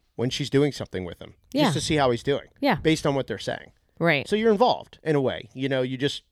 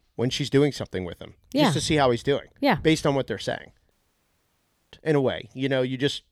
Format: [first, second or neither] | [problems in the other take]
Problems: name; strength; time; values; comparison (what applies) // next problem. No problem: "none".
first | audio cutting out; at 4 s for 1 s